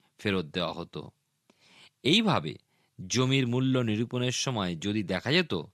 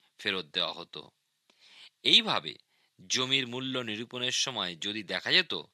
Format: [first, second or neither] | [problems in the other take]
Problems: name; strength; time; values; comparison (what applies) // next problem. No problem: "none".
first | thin; somewhat; fading below 550 Hz